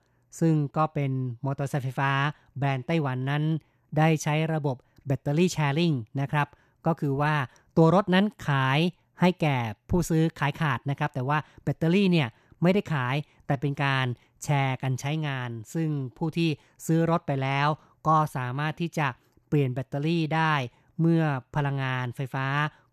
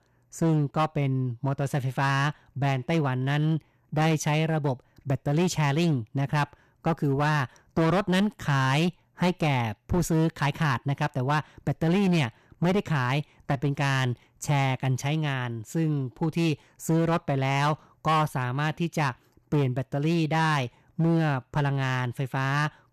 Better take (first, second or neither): first